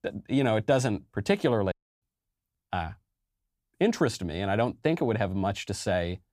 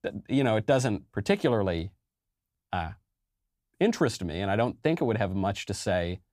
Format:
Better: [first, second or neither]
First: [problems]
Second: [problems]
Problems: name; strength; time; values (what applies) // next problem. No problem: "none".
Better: second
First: audio cutting out; at 1.5 s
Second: none